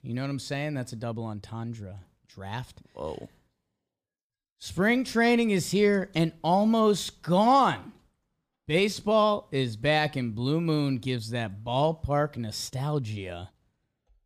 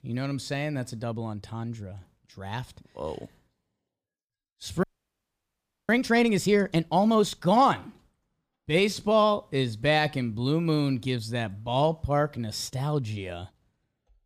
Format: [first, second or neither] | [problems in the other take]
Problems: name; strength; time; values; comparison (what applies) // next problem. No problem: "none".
first | audio freezing; at 5 s for 1 s